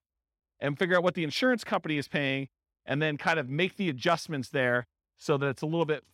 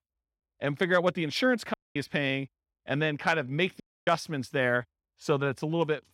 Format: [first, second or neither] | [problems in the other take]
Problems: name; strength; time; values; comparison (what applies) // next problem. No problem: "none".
first | audio cutting out; at 1.5 s and at 4 s